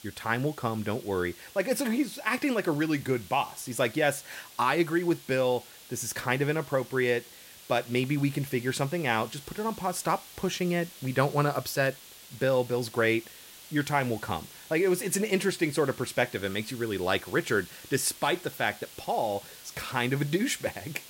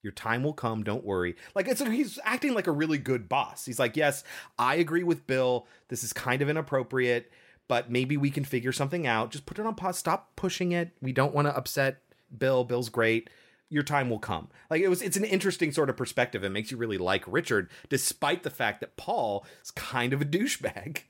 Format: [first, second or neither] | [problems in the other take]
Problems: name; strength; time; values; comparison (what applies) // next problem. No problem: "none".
second | hiss; noticeable; throughout; 15 dB below the speech